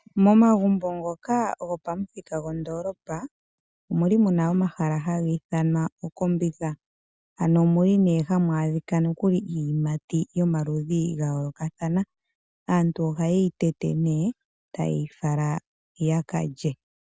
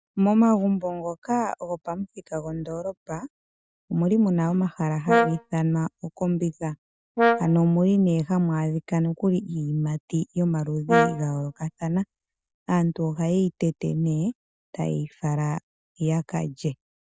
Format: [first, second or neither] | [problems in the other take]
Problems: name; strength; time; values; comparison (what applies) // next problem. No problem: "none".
first | noise reduction (neural mask model DeepFilterNet 3)